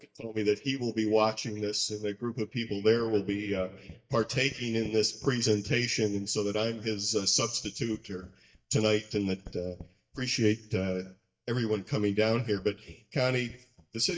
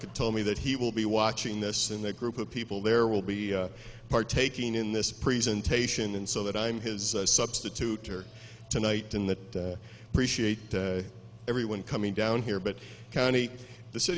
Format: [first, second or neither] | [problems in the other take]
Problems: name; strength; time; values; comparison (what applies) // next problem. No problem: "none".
second | noise reduction (neural mask model DeepFilterNet 3)